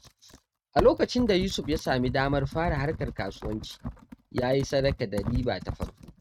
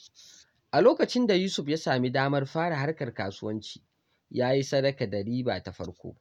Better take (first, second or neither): second